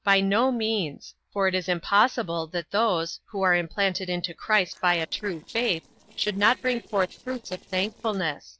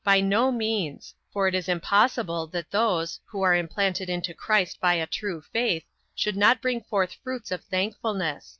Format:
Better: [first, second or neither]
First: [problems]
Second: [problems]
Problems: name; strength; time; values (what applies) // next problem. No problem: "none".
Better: second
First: noise reduction (neural separator model SepFormer DNS4)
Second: none